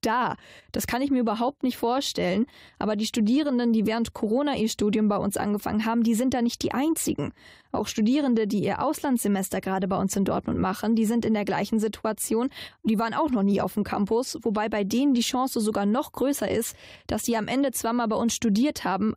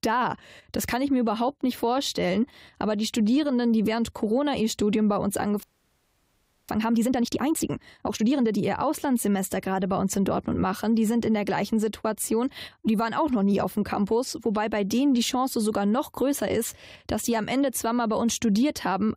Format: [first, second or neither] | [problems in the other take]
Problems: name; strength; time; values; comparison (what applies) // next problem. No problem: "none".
first | audio freezing; at 5.5 s for 1 s